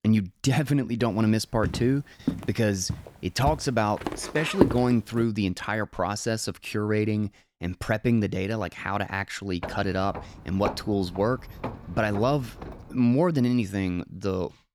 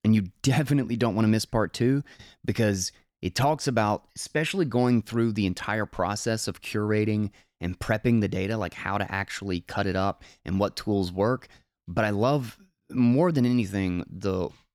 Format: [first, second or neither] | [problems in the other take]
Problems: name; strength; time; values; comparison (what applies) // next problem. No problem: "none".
second | footsteps; loud; from 1.5 to 4.5 s; peak 2 dB above the speech // footsteps; noticeable; from 9.5 to 13 s; peak 6 dB below the speech